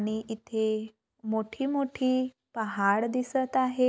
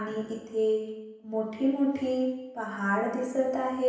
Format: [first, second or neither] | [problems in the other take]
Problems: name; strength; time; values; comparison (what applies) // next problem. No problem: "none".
first | room echo; dies away in 0.9 s